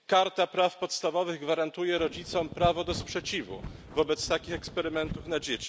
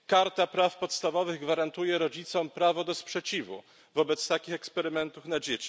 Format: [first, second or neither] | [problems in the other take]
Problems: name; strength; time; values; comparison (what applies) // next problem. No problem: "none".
second | background sound (Wind); 12 dB below the speech